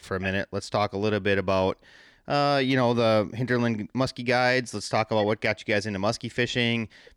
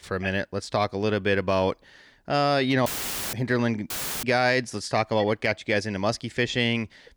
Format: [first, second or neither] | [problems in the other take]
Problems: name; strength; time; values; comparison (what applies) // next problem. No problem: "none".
first | audio cutting out; filled with static; at 3 s and at 4 s